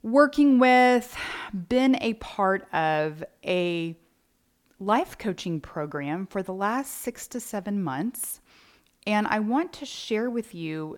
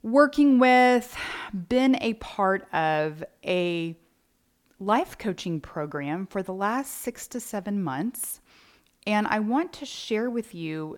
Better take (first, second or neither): neither